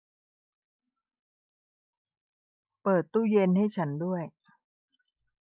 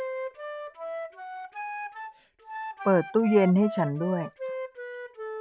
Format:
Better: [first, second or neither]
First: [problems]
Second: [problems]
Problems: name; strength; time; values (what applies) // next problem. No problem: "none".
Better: first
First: none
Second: background sound (Wind instrument, woodwind instrument); 8 dB below the speech